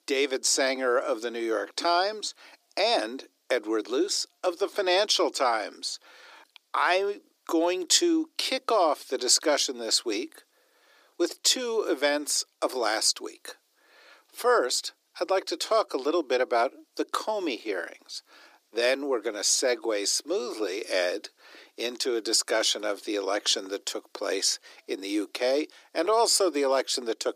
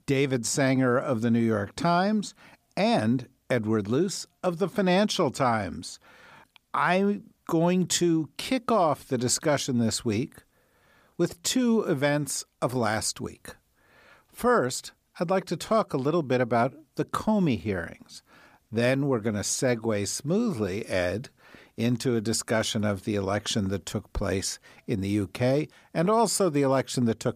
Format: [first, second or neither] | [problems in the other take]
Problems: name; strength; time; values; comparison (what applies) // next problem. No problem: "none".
second | thin; very; fading below 300 Hz